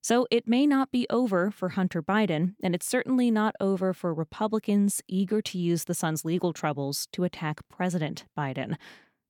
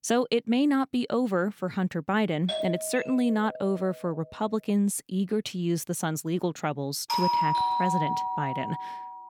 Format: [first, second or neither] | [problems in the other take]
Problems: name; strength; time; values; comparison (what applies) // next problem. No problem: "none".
first | doorbell; noticeable; from 2.5 to 4 s; peak 3 dB below the speech // doorbell; loud; from 7 s on; peak 4 dB above the speech